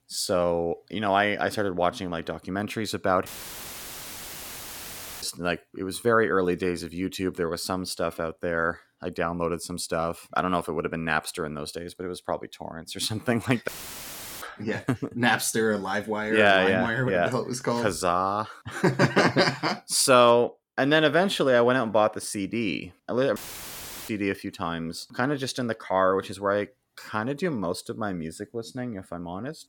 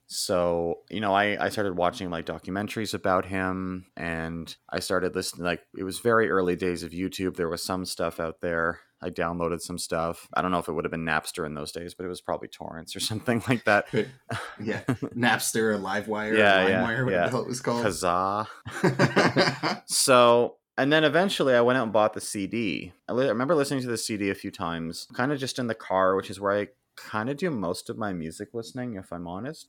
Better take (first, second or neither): second